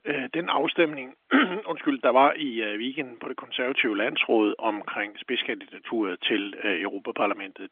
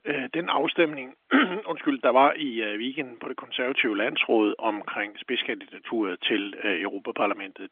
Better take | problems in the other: neither | phone-call audio; nothing above 3.5 kHz; the same in both

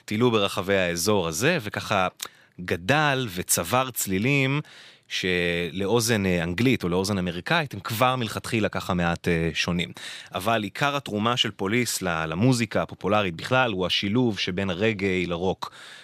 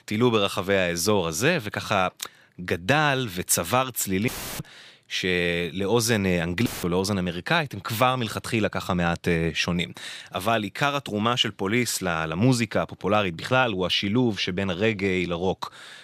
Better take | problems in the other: first | audio cutting out; filled with static; at 4.5 s and at 6.5 s

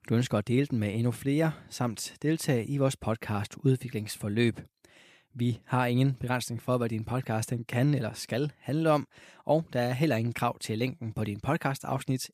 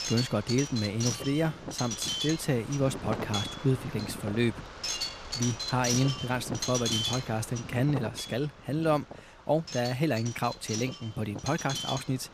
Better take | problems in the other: first | wind noise on the microphone; heavy; 2 dB below the speech

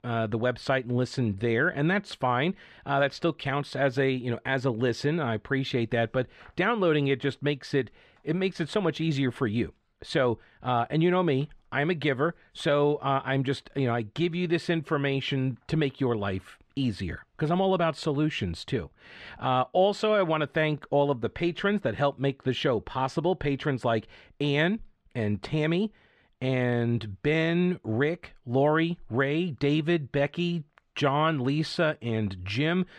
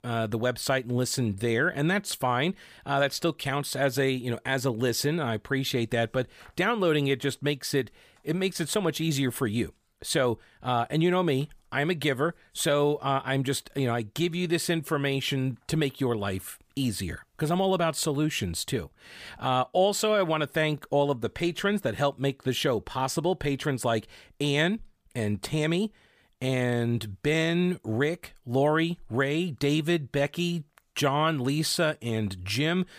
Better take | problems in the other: second | muffled; slightly; fading above 3 kHz

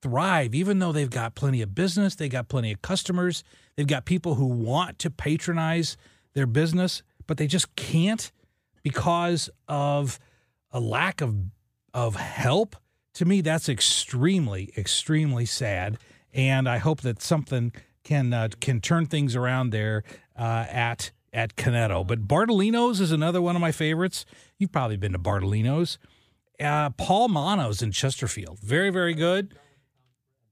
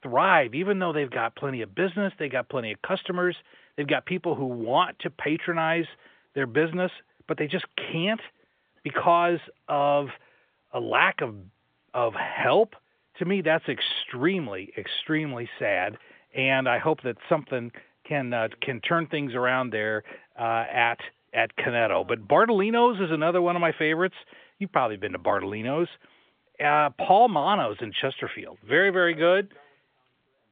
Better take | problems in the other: first | phone-call audio; nothing above 3.5 kHz

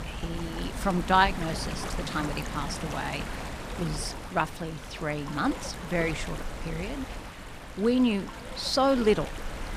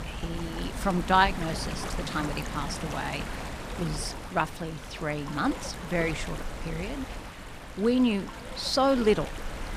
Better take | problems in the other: neither | rain or running water; loud; throughout; 8 dB below the speech; the same in both

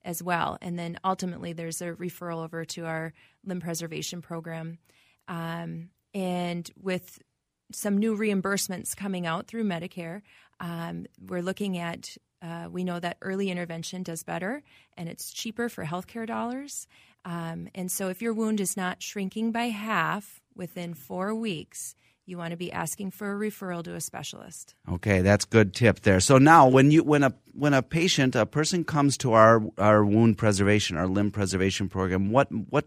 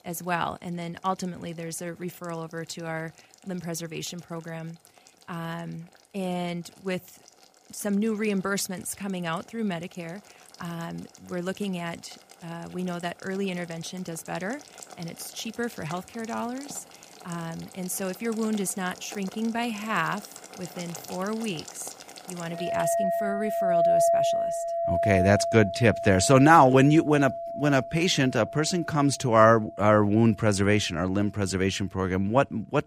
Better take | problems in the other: first | household noises; loud; throughout; 4 dB below the speech

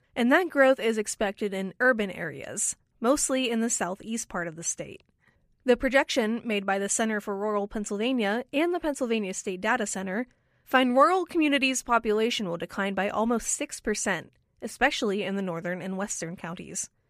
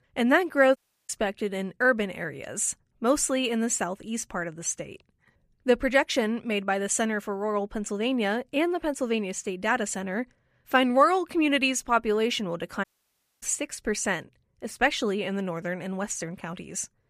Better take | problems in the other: first | audio cutting out; at 1 s and at 13 s for 0.5 s

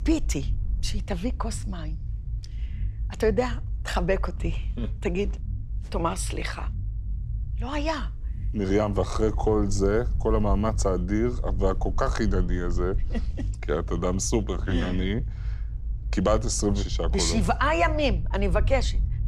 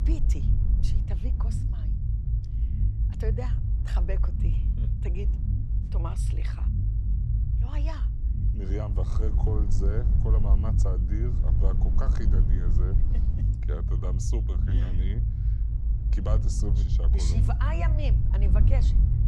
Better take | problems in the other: first | low rumble; loud; throughout; 3 dB below the speech; faint in the first

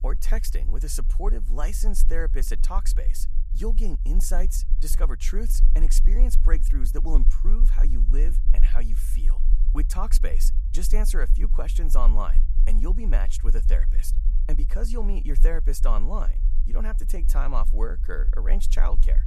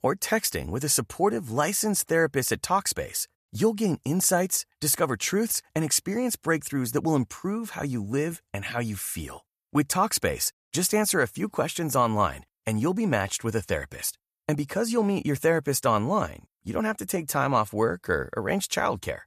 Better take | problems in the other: second | low rumble; noticeable; throughout; 15 dB below the speech

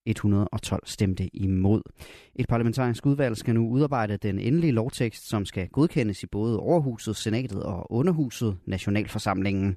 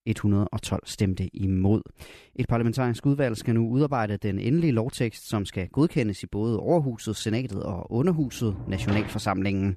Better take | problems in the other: first | door banging; noticeable; from 8 to 9.5 s; peak 7 dB below the speech

